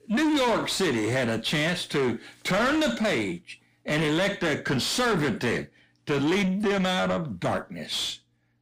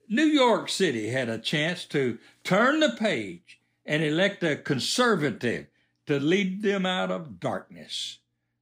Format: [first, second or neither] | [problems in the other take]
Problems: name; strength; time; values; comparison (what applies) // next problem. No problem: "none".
second | distortion; heavy; 6 dB below the speech